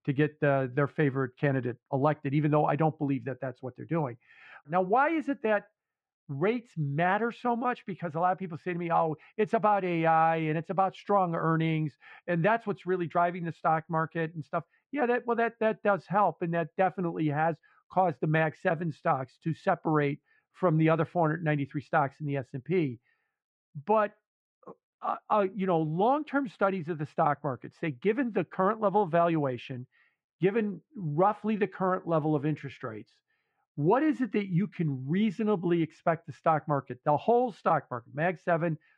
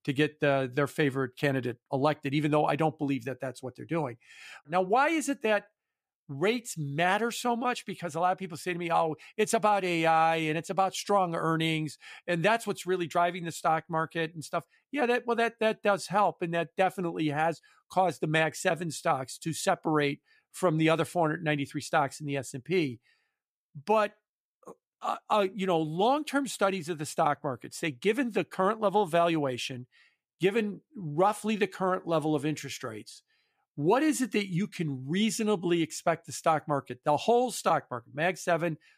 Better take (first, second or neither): second